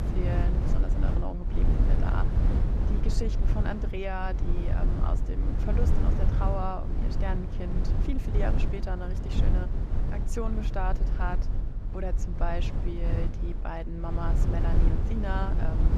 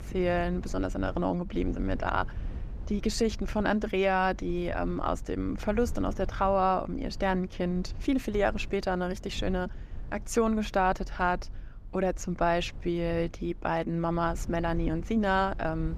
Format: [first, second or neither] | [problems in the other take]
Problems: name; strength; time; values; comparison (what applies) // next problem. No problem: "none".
second | low rumble; loud; throughout; 4 dB below the speech; faint in the second